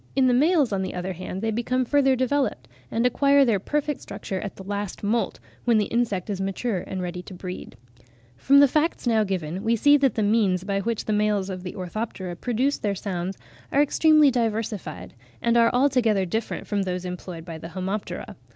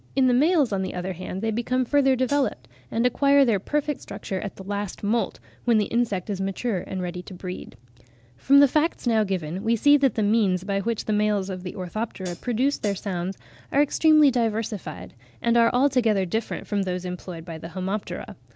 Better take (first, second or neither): first